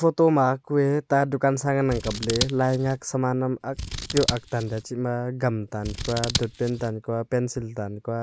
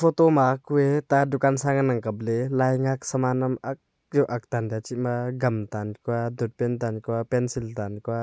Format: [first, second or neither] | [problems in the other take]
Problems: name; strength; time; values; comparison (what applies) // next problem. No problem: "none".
second | background sound (Scissors); 7 dB below the speech